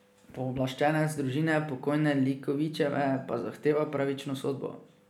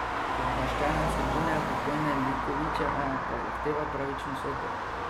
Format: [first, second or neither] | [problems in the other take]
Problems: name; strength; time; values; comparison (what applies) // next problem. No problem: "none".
first | background sound (Traffic noise, roadway noise); 4 dB above the speech